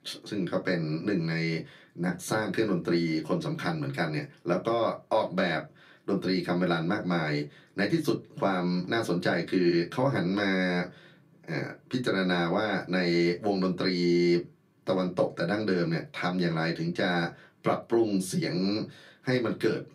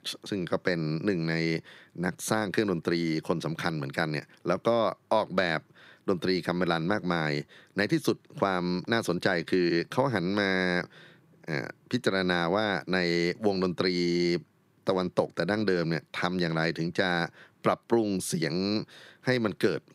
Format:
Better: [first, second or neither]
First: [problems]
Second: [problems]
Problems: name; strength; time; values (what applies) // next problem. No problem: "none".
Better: second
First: off-mic speech; far // room echo; very slight; dies away in 0.2 s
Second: none